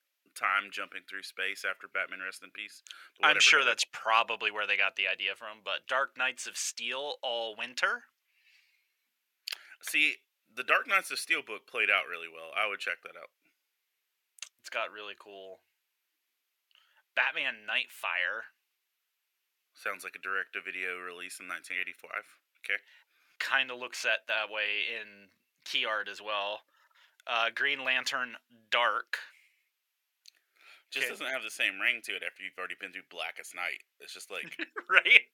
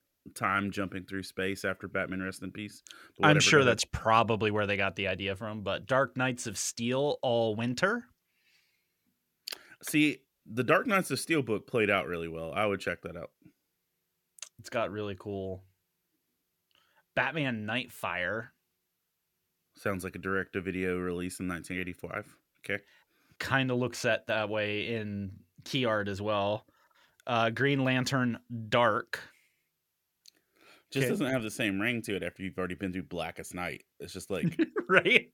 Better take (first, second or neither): second